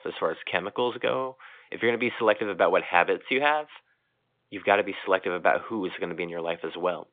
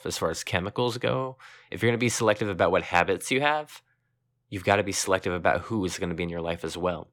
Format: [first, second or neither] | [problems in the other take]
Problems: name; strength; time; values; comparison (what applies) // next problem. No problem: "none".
second | phone-call audio